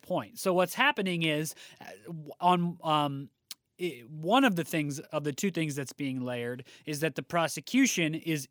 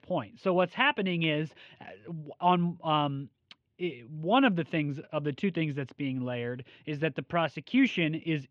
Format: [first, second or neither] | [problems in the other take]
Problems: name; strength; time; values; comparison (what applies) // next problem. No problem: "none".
first | muffled; very; fading above 3 kHz